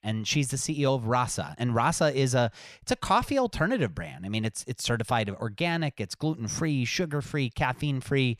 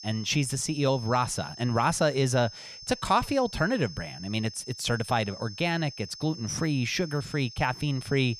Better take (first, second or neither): first